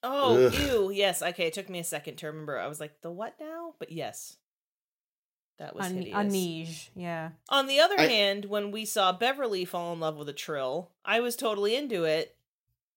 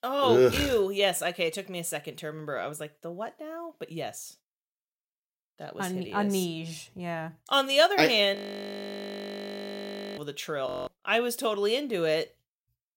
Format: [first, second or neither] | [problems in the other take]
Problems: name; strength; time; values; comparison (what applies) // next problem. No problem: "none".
first | audio freezing; at 8.5 s for 2 s and at 11 s